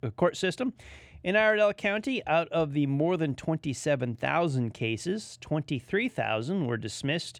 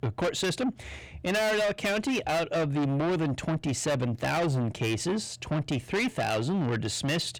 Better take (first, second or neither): first